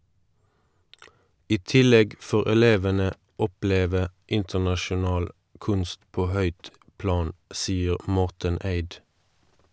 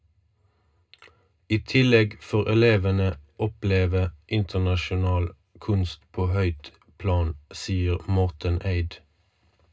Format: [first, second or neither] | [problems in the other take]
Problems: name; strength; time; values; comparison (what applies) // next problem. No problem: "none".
first | room echo; dies away in 0.2 s